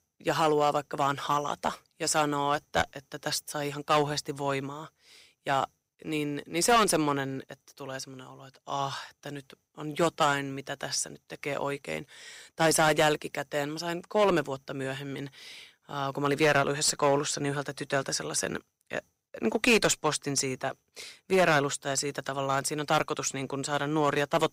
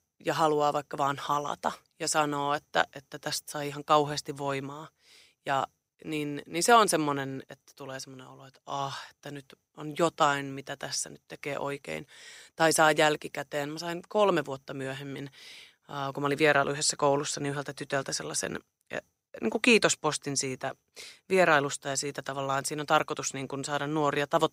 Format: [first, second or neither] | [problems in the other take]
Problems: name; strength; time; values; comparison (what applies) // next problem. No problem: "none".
second | distortion; slight; 3% of the sound clipped